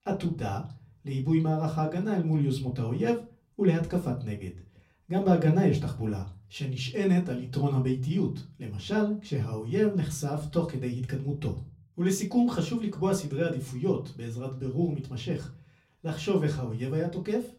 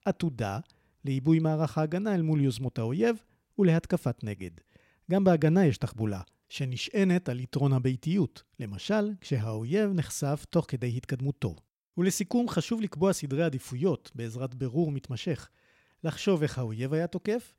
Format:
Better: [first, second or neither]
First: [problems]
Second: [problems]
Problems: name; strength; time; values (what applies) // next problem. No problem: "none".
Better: second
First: off-mic speech; far // room echo; very slight; dies away in 0.3 s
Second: none